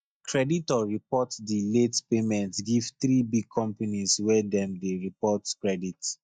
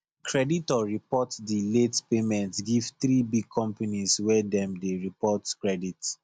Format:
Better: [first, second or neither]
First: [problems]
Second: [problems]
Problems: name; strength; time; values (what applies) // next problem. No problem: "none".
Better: second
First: noise reduction (neural mask model DeepFilterNet 3)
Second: none